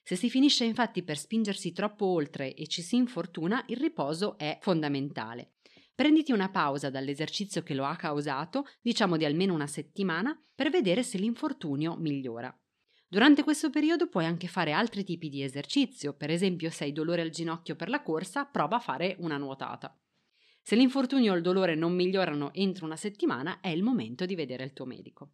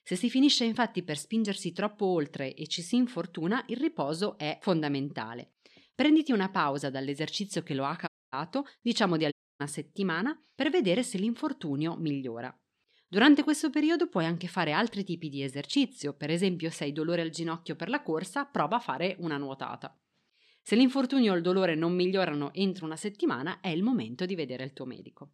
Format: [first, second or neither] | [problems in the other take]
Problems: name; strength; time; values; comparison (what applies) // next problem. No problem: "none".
first | audio cutting out; at 8 s and at 9.5 s